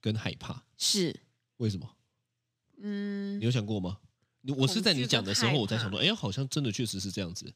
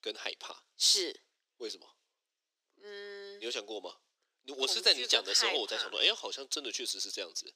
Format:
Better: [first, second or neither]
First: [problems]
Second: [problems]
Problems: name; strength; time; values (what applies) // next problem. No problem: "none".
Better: first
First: none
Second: thin; very; fading below 350 Hz